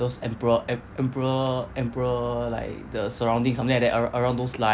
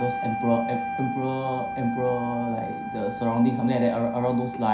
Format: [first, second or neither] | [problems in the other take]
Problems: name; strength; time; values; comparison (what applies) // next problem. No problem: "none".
first | background sound (Wind instrument, woodwind instrument); 7 dB below the speech // room echo; dies away in 0.5 s